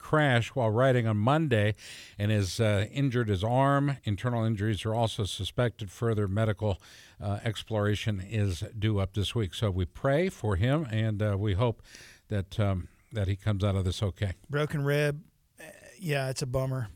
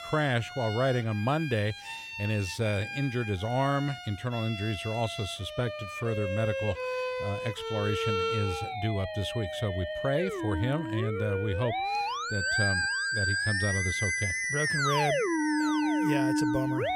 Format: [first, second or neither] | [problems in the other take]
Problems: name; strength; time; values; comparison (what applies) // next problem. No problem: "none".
first | background music; very loud; throughout; as loud as the speech